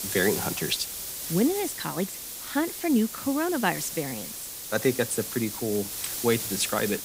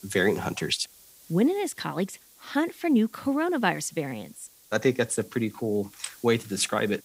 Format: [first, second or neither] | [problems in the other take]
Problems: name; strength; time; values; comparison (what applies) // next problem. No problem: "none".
second | hiss; loud; throughout; 5 dB below the speech; faint in the second